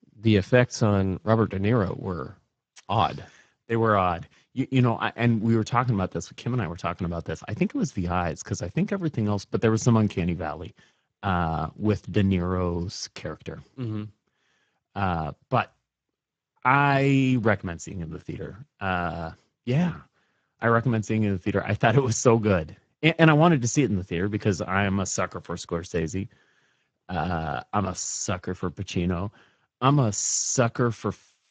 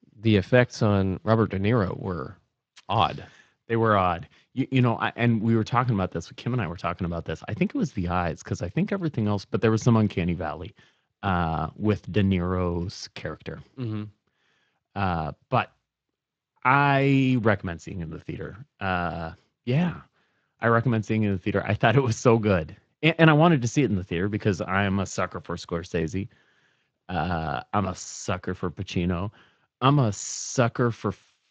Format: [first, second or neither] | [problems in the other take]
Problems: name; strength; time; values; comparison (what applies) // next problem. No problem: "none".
second | garbled, watery; badly; nothing above 7.5 kHz; slightly in the second